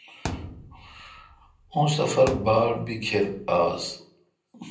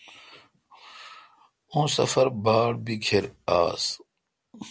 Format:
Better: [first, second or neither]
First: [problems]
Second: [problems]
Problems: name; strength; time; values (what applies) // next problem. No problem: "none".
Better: second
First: background sound (Thump, thud); 12 dB below the speech // room echo; dies away in 0.6 s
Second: none